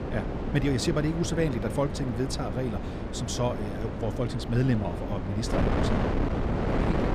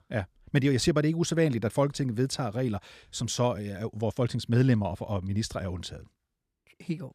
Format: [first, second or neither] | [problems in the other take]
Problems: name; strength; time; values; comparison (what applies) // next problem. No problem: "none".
second | wind noise on the microphone; heavy; 2 dB below the speech